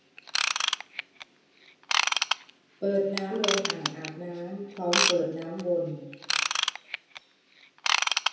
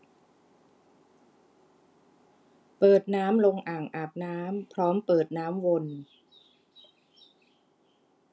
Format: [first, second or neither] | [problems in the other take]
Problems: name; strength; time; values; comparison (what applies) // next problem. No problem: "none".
second | background sound (Ratchet, pawl / Tools); 3 dB above the speech // room echo; dies away in 0.8 s